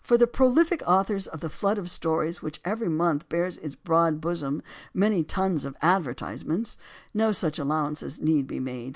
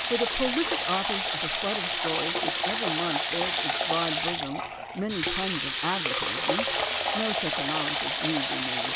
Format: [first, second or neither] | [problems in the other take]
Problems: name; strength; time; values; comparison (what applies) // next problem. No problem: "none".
first | background sound (Water tap, faucet / Water); 4 dB above the speech